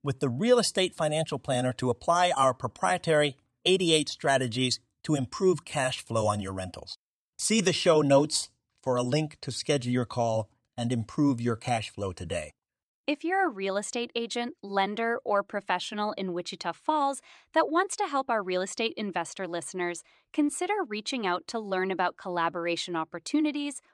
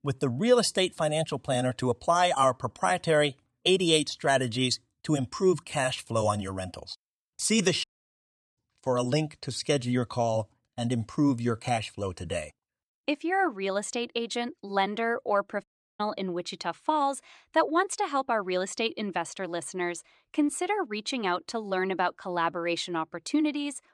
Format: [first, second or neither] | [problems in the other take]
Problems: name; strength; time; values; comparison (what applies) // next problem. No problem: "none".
first | audio cutting out; at 8 s for 0.5 s and at 16 s